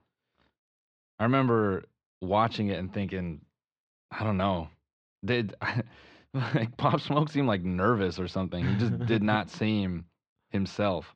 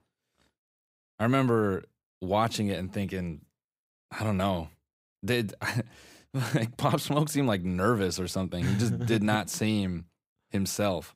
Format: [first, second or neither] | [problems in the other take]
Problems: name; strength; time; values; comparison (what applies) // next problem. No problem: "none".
second | muffled; slightly; fading above 4 kHz